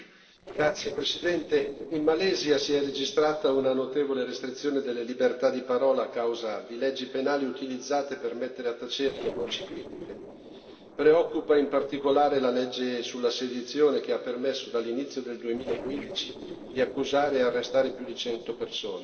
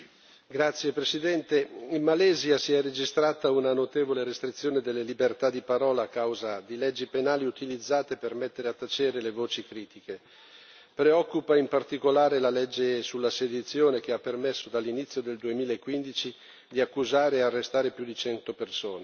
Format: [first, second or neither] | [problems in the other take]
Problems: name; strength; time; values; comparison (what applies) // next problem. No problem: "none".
second | noise reduction (neural separator model SepFormer DNS4)